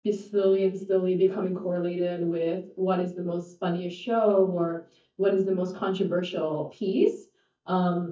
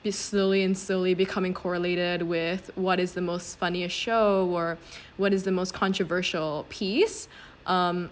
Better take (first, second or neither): second